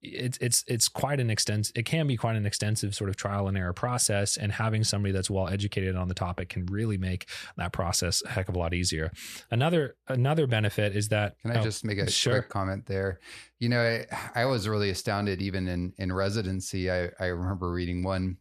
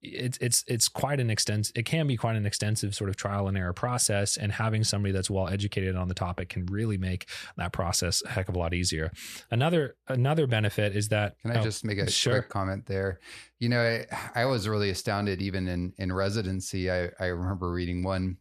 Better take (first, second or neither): neither